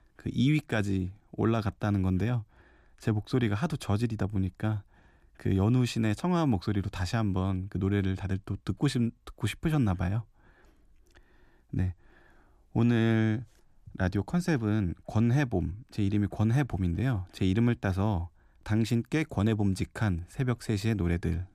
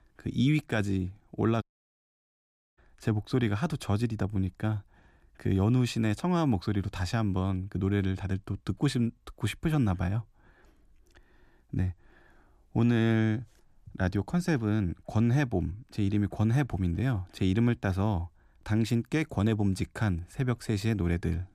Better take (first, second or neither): first